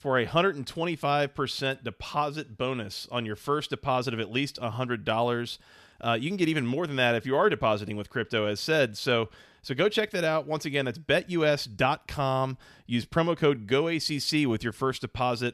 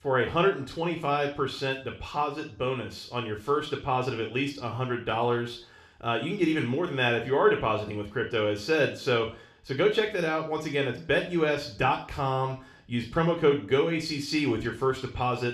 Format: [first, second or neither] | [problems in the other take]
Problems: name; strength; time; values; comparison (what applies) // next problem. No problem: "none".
first | room echo; slight; dies away in 0.4 s // off-mic speech; somewhat distant